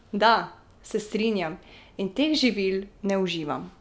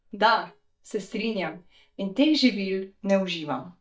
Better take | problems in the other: first | noise reduction (neural mask model DeepFilterNet 3)

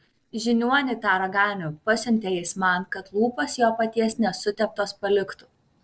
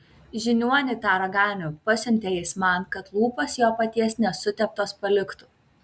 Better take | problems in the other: second | noise reduction (neural separator model SepFormer DNS4)

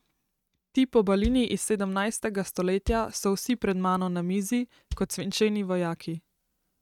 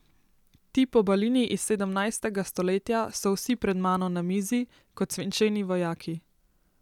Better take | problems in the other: second | noise reduction (neural mask model RNNoise)

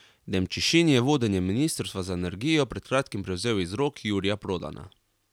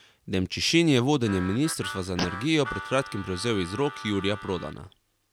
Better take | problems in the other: first | background sound (Harmonica + Fart); 12 dB below the speech

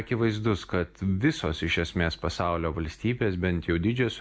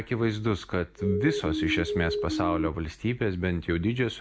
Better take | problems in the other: first | background sound (Siren); 1 dB below the speech

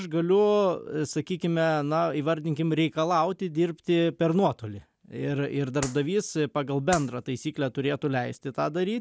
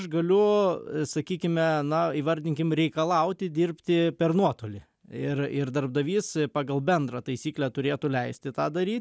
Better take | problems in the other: second | background sound (Clapping); 11 dB below the speech

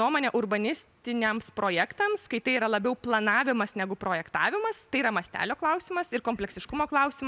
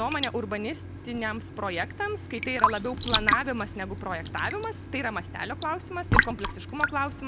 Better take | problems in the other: first | background sound (Raindrop / Drip / Trickle, dribble); 1 dB above the speech

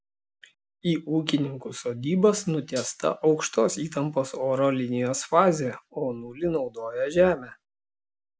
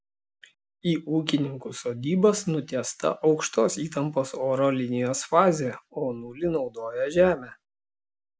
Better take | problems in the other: second | background sound (Hi-hat); 14 dB below the speech

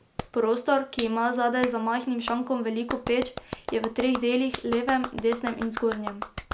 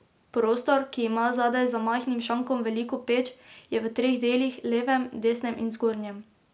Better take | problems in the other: second | background sound (Clapping); 11 dB below the speech

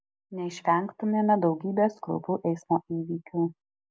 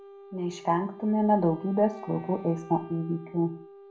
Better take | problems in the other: first | background sound (Wind instrument, woodwind instrument); 18 dB below the speech // room echo; dies away in 0.4 s

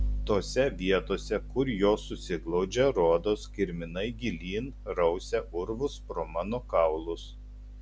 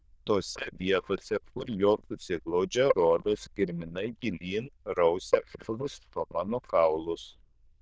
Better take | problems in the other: first | noise reduction (neural diffusion model UNIVERSE++)

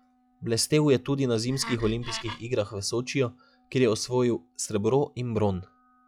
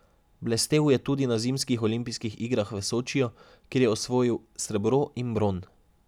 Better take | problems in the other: second | noise reduction (classical method log-MMSE)

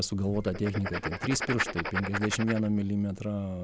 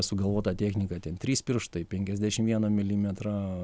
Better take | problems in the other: second | background sound (Writing); 6 dB below the speech

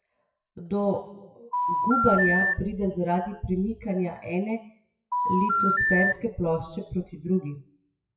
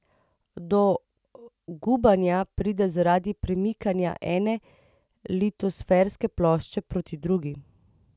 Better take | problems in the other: second | noise reduction (classical method WPE with log-MMSE)

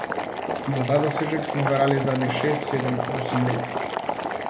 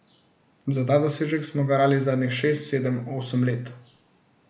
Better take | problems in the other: second | background sound (Boiling); 2 dB below the speech

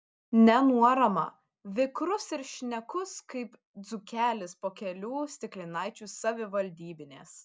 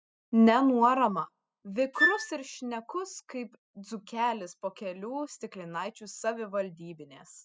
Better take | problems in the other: first | noise reduction (classical method spectral subtraction)

